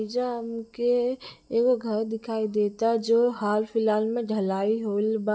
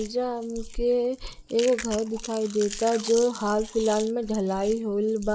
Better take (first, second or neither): first